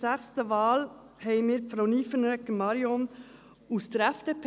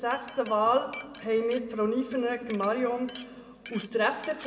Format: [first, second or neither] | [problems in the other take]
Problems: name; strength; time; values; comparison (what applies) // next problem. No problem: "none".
first | background sound (Glass); 19 dB below the speech // room echo; dies away in 1.8 s